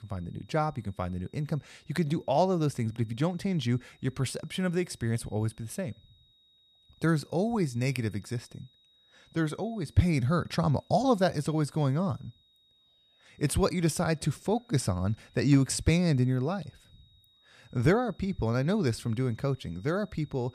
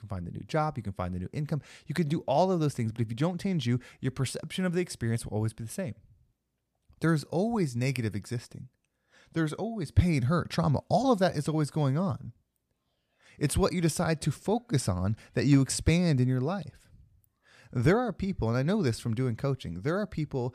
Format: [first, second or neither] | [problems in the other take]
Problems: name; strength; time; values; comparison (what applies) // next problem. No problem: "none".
second | high-pitched whine; faint; throughout; 4 kHz, 35 dB below the speech